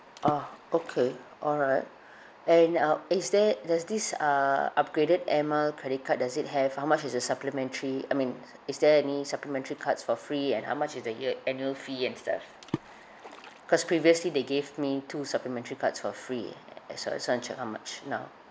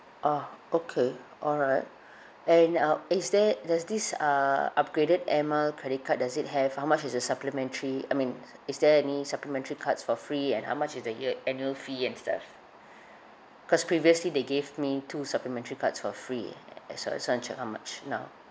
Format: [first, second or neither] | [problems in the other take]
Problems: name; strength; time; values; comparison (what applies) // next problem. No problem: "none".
second | background sound (Water / Splash, splatter); 13 dB below the speech